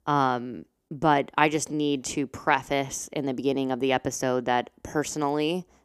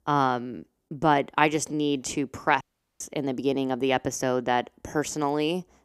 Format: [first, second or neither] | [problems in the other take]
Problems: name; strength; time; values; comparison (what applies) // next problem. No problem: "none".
first | audio cutting out; at 2.5 s